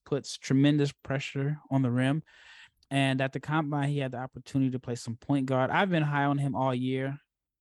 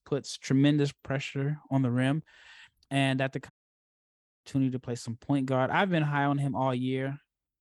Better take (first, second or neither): first